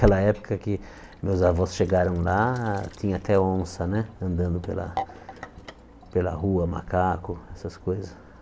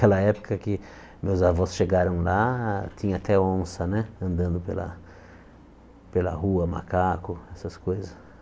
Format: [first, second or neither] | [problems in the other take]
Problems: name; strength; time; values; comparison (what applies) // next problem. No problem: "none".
second | background sound (Sink (filling or washing)); 13 dB below the speech